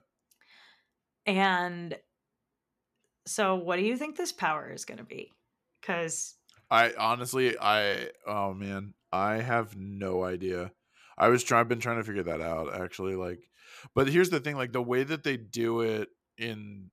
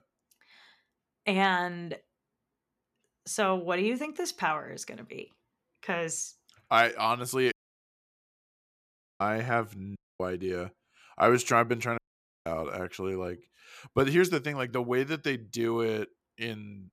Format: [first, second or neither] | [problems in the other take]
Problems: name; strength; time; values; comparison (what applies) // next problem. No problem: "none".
first | audio cutting out; at 7.5 s for 1.5 s, at 10 s and at 12 s